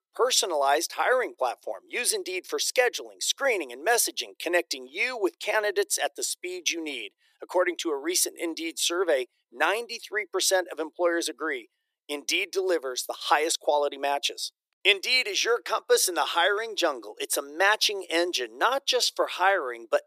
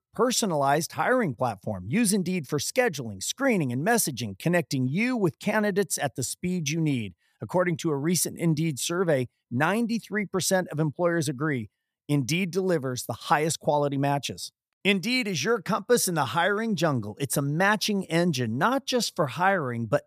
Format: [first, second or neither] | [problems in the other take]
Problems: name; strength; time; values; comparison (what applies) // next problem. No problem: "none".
second | thin; very; fading below 350 Hz